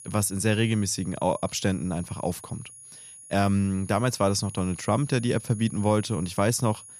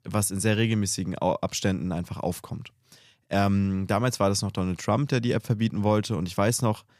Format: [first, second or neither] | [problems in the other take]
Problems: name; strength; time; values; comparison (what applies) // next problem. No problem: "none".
second | high-pitched whine; noticeable; throughout; 10.5 kHz, 15 dB below the speech